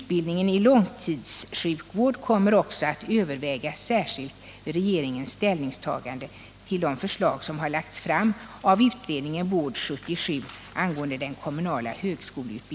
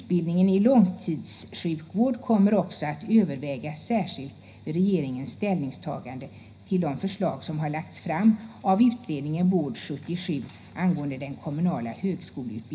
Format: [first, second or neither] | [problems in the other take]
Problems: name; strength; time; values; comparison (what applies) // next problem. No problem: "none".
first | room echo; dies away in 0.5 s